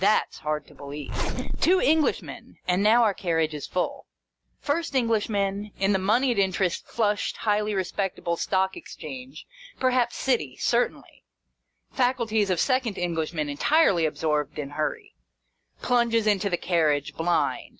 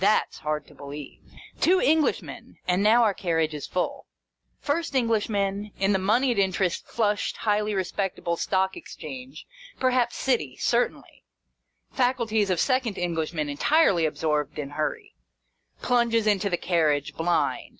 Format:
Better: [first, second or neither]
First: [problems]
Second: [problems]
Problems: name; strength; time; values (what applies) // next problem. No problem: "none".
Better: second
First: background sound (Zipper (clothing)); 1 dB below the speech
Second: none